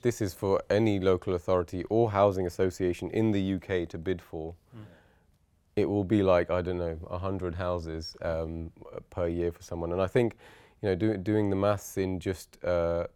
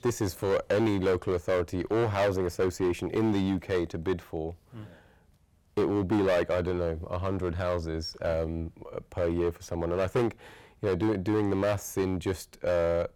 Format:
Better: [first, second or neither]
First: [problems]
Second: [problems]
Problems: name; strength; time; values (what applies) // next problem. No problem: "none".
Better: first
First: none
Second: distortion; heavy; 8% of the sound clipped